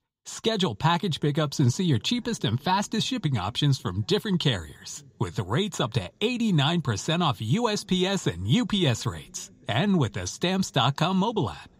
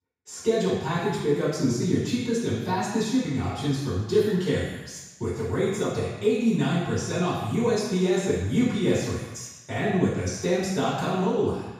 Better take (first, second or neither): first